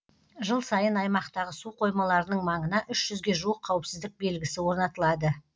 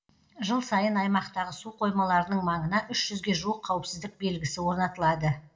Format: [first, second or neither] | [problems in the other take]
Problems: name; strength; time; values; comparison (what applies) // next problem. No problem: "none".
first | room echo; dies away in 0.5 s